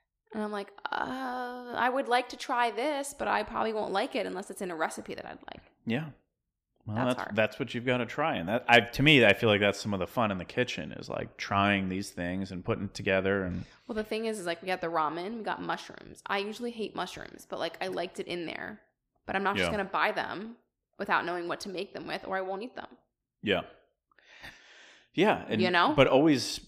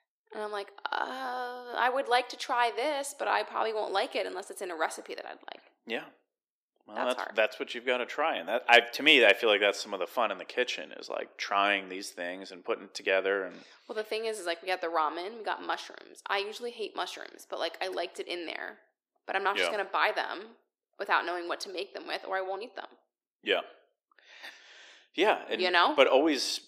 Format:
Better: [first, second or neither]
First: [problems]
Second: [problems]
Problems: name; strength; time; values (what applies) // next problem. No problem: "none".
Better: first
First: none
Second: thin; somewhat; fading below 350 Hz